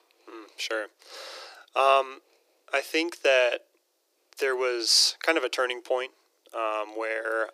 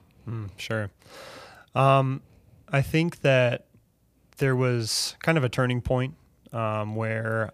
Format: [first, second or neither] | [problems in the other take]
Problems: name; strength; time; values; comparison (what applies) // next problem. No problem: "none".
second | thin; very; fading below 350 Hz